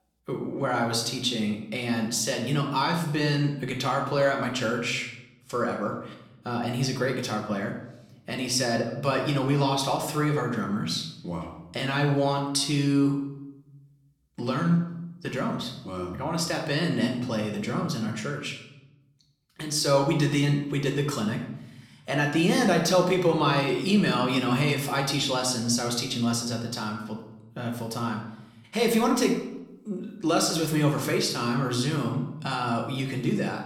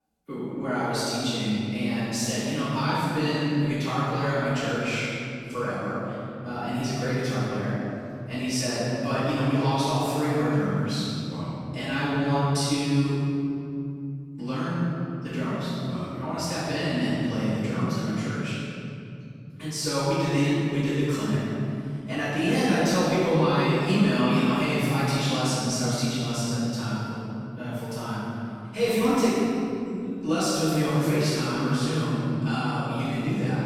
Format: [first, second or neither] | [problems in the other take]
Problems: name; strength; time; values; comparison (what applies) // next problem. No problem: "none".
first | room echo; strong; dies away in 3 s; slight in the first // off-mic speech; far; somewhat distant in the first